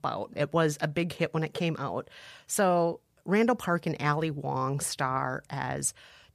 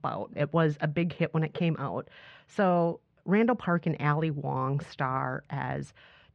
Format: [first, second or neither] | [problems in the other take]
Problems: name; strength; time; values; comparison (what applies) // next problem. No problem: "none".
first | muffled; very; fading above 3 kHz